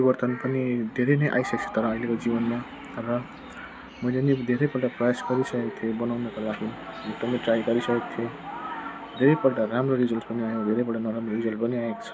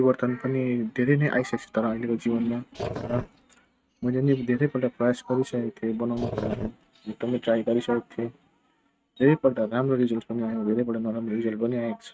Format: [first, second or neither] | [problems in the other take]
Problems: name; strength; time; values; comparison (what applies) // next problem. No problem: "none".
first | noise reduction (neural mask model RNNoise)